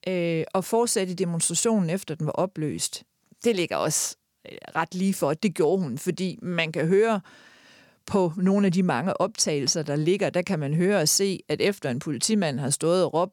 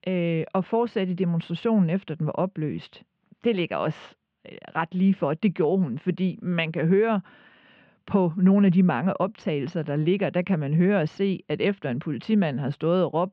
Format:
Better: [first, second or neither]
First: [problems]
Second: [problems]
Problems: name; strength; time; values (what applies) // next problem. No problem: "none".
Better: first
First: none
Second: muffled; very; fading above 3 kHz